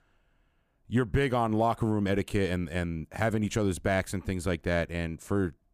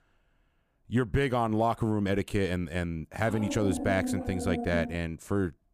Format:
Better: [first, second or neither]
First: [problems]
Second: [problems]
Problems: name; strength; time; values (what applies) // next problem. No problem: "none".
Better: first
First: none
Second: dog barking; noticeable; from 3.5 to 5 s; peak 3 dB below the speech